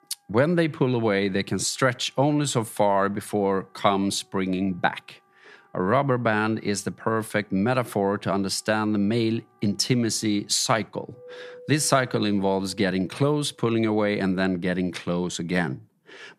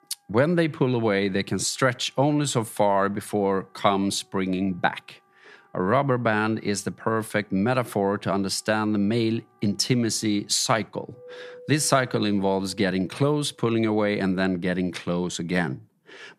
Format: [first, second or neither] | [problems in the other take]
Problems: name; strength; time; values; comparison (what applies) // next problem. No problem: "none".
neither | background music; faint; throughout; 30 dB below the speech; the same in both